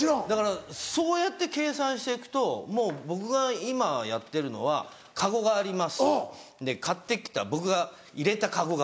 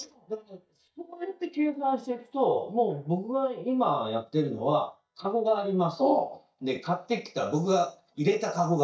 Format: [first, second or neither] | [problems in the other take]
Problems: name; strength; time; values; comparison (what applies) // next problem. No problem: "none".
first | noise reduction (neural mask model DeepFilterNet 3)